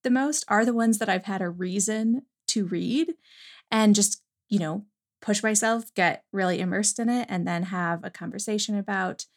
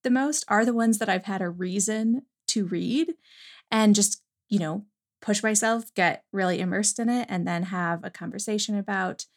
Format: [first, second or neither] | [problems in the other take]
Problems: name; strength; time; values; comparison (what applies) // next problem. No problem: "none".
neither | none